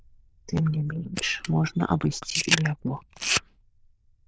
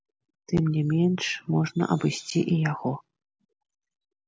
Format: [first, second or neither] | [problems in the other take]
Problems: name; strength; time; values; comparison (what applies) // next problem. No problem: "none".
second | noise reduction (neural diffusion model UNIVERSE++)